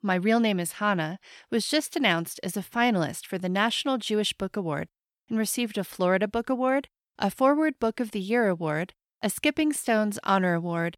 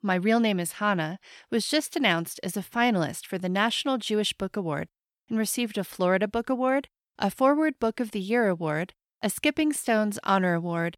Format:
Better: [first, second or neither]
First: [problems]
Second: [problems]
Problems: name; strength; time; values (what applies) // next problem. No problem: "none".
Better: neither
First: none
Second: none